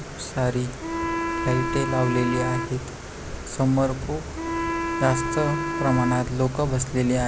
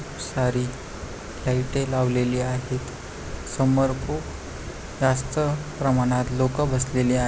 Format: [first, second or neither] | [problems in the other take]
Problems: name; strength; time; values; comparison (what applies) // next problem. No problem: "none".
second | background sound (Wind instrument, woodwind instrument); 5 dB below the speech